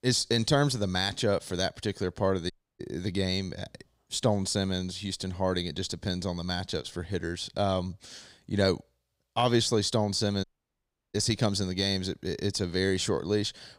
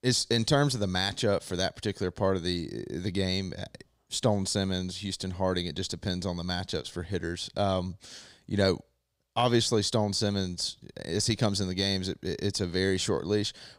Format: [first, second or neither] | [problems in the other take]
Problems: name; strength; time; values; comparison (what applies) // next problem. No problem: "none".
second | audio cutting out; at 2.5 s and at 10 s for 0.5 s